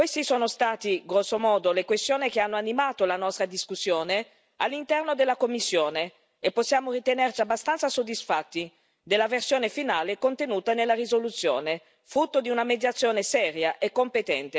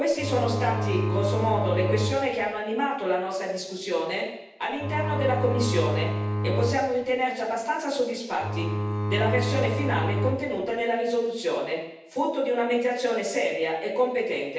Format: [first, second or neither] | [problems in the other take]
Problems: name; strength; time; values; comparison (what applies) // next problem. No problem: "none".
first | background sound (Bowed string instrument); 1 dB below the speech // room echo; dies away in 0.9 s